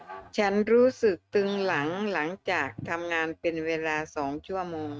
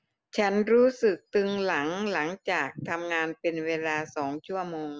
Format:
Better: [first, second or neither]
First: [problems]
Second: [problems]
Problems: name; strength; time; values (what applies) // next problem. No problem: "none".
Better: second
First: noise reduction (neural mask model RNNoise)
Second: none